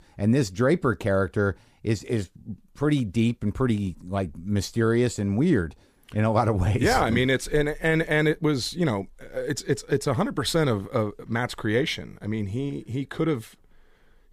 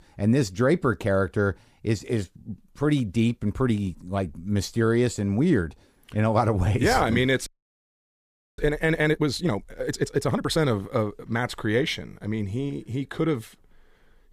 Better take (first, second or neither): first